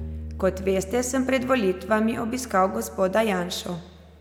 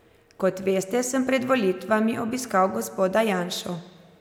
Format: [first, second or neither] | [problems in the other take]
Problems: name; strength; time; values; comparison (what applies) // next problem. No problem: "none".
second | background sound (Bowed string instrument); 15 dB below the speech